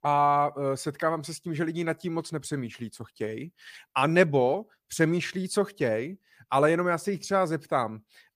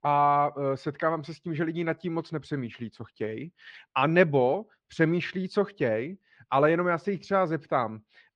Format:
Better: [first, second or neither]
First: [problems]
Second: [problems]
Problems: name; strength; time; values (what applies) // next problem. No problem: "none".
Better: first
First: none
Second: muffled; slightly; fading above 3.5 kHz